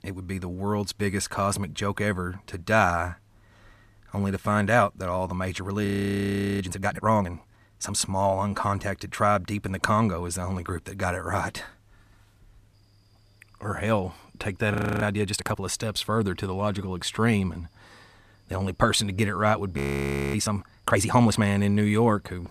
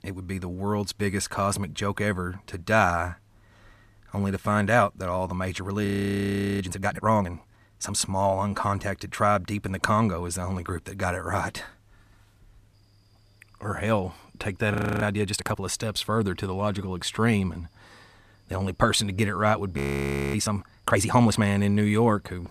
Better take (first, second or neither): neither